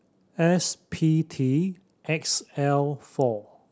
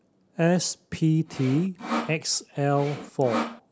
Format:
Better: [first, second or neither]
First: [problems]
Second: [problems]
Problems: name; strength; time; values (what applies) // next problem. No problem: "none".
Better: first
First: none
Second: background sound (Sawing); 7 dB below the speech